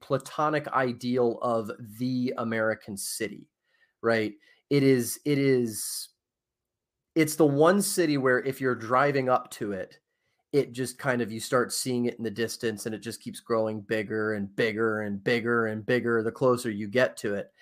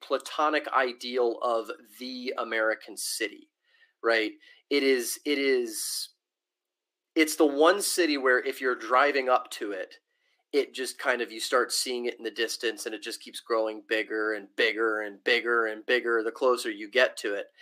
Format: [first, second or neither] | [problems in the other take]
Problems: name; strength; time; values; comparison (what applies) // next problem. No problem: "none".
first | thin; somewhat; fading below 300 Hz